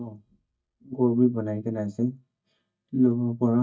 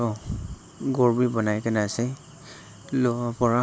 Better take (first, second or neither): second